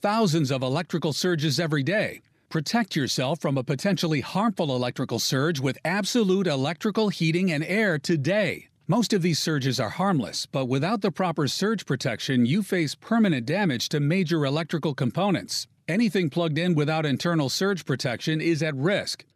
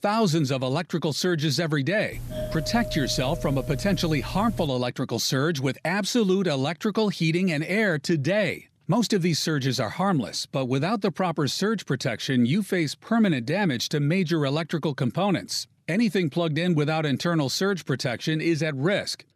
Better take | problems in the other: first | doorbell; noticeable; from 2 to 4.5 s; peak 8 dB below the speech

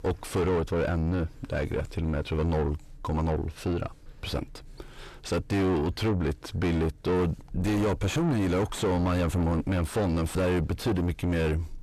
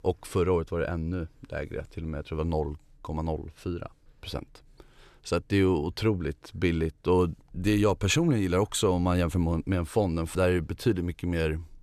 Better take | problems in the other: second | distortion; heavy; 6 dB below the speech

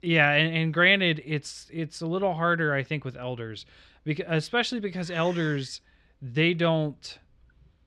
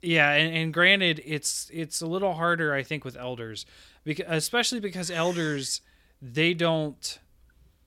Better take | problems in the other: second | muffled; slightly; fading above 3.5 kHz

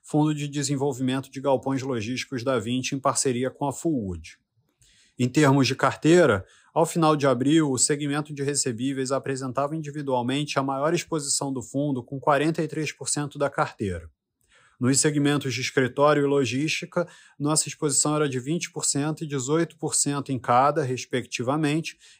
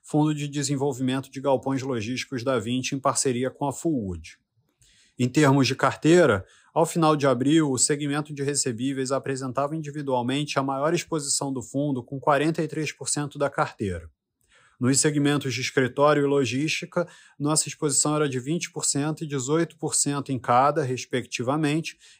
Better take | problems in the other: neither | none

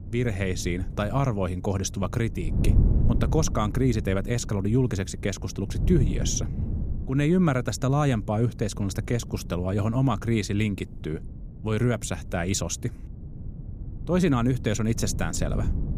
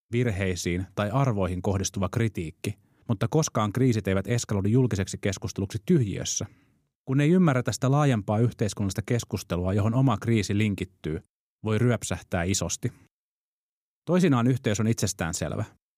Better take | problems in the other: second | wind noise on the microphone; occasional gusts; 15 dB below the speech

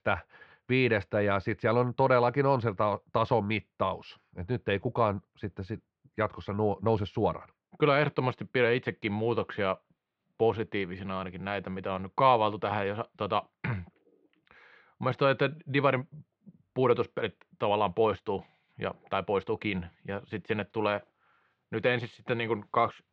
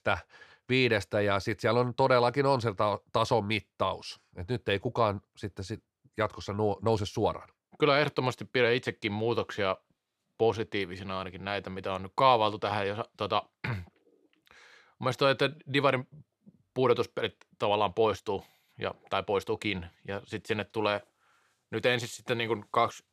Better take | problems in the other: second | muffled; slightly; fading above 3 kHz

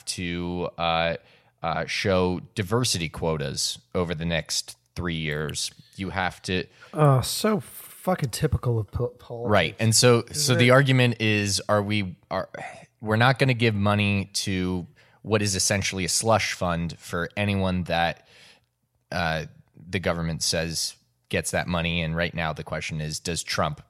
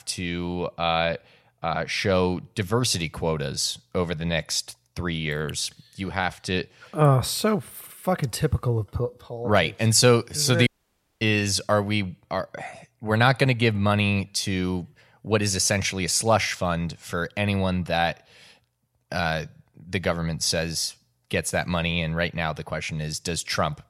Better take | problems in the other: first | audio cutting out; at 11 s for 0.5 s

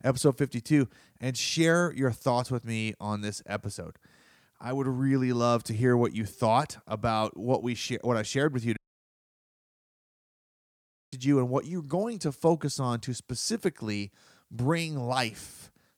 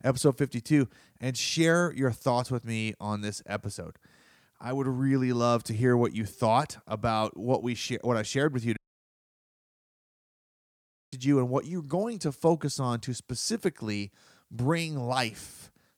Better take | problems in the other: neither | audio cutting out; at 9 s for 2.5 s; the same in both

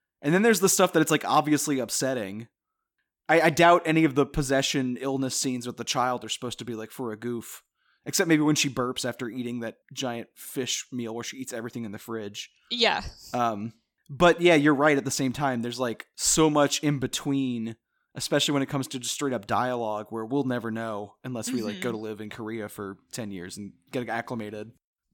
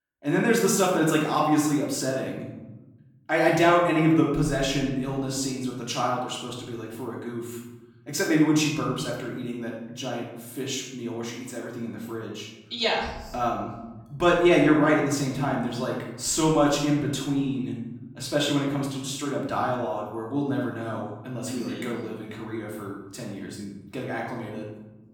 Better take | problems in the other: first | off-mic speech; far // room echo; noticeable; dies away in 1.2 s

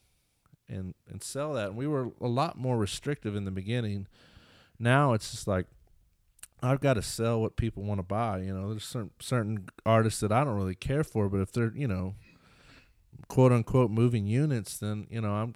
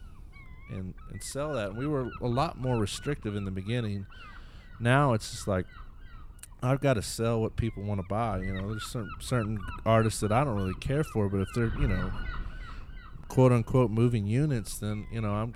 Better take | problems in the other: first | wind noise on the microphone; occasional gusts; 15 dB below the speech

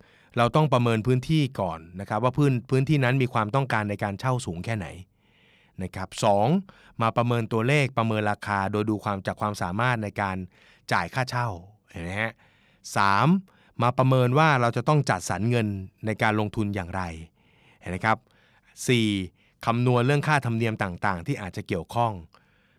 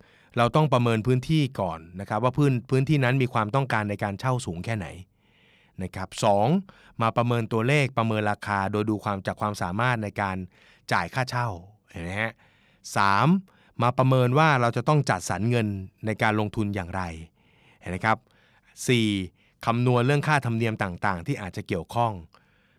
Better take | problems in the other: neither | none

